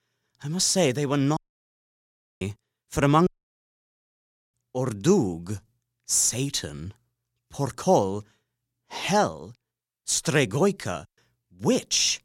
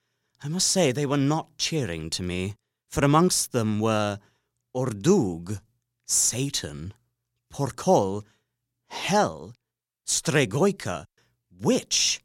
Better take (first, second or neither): second